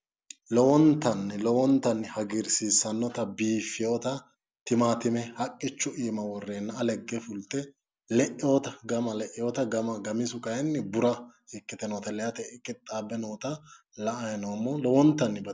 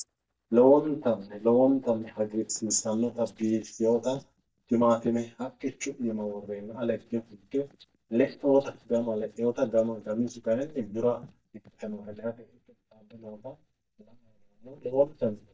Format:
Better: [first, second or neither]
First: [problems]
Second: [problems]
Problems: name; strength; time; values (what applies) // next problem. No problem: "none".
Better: first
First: none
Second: noise reduction (neural mask model DeepFilterNet 3)